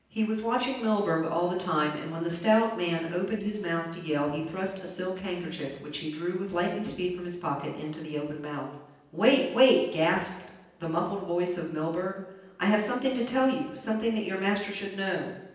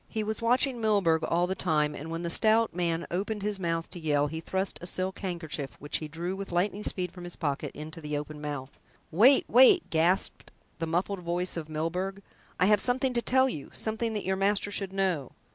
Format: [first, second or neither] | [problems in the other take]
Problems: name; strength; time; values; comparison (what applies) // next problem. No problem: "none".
second | noise reduction (neural separator model SepFormer DNS4)